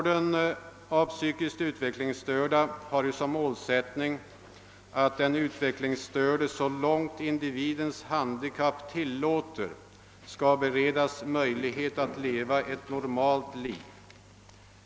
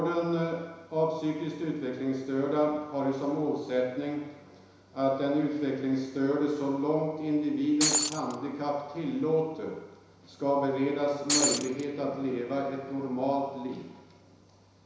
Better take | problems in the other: first | background sound (Shatter); 2 dB above the speech // room echo; dies away in 1 s

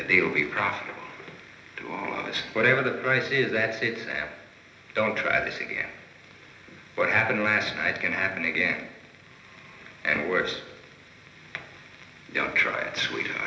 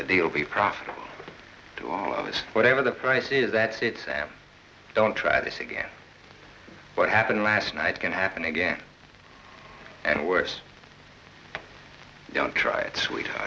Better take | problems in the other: second | room echo; dies away in 1 s

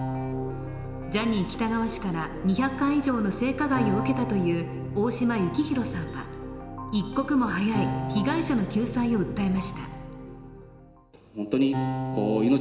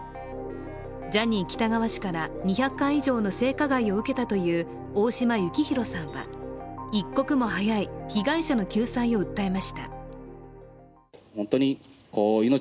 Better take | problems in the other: second | background sound (Acoustic guitar); 8 dB below the speech // room echo; dies away in 3 s

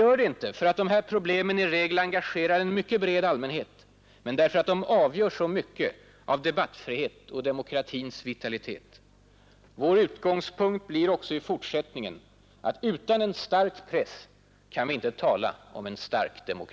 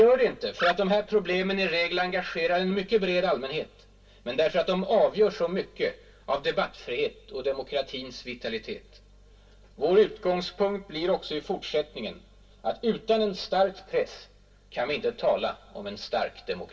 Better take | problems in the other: first | background sound (Animal); 8 dB below the speech // room echo; dies away in 0.1 s

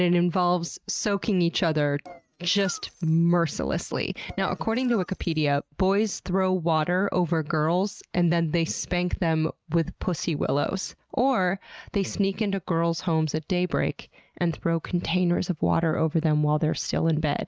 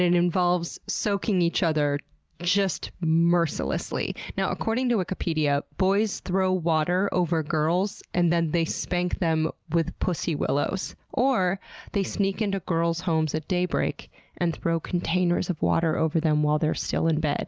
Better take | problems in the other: second | noise reduction (neural mask model RNNoise)

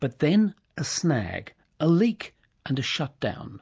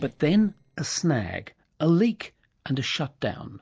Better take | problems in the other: first | noise reduction (neural separator model SepFormer DNS4)

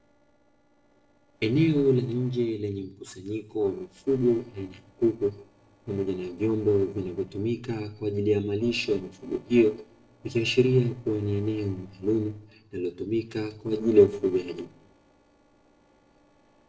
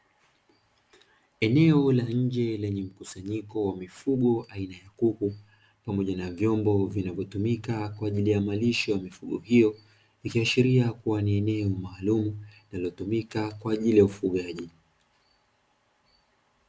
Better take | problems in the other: second | noise reduction (neural separator model SepFormer DNS4)

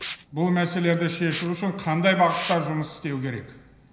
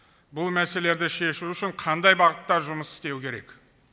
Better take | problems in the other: second | background sound (Liquid); 16 dB below the speech // room echo; dies away in 0.9 s

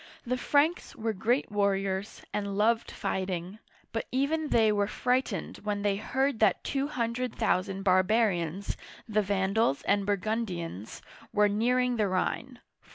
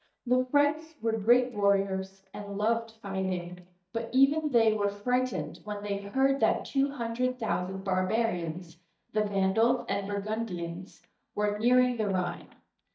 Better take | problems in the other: first | noise reduction (neural mask model DeepFilterNet 3)

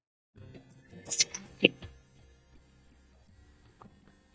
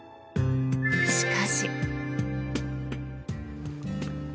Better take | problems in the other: second | noise reduction (neural mask model DeepFilterNet 3)

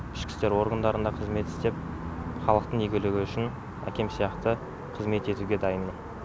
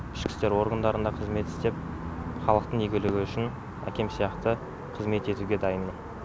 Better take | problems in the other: first | background sound (Fireworks); 16 dB below the speech

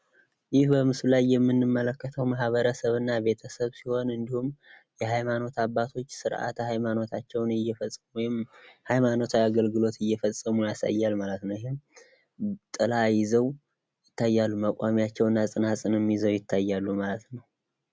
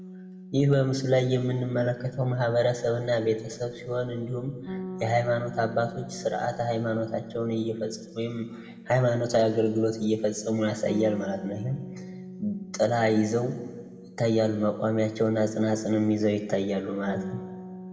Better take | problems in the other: first | background sound (Bass guitar); 16 dB below the speech // room echo; dies away in 1.2 s

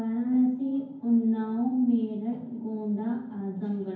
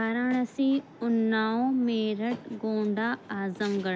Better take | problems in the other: second | room echo; dies away in 0.9 s

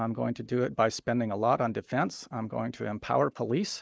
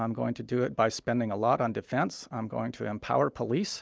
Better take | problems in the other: second | noise reduction (neural mask model Resemble Enhance denoiser)

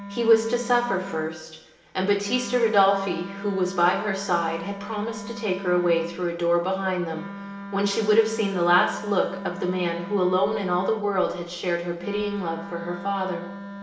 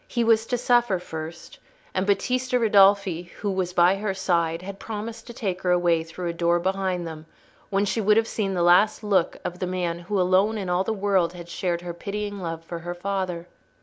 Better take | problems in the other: second | background sound (Wind instrument, woodwind instrument); 13 dB below the speech // room echo; dies away in 1.1 s

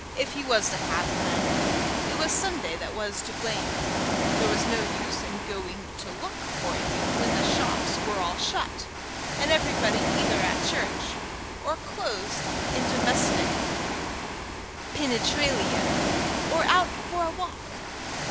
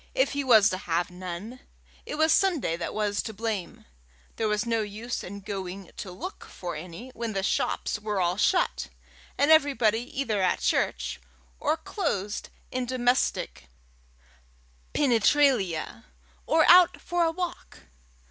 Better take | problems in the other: second | background sound (Ocean); 3 dB above the speech

